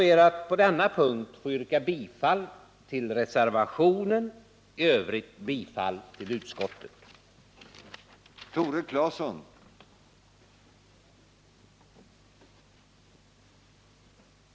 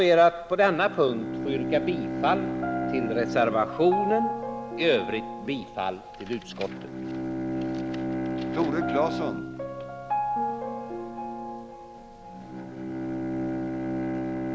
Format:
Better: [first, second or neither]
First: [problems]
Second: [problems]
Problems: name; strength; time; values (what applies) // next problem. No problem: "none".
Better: first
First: none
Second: background sound (Bowed string instrument + Piano); 3 dB below the speech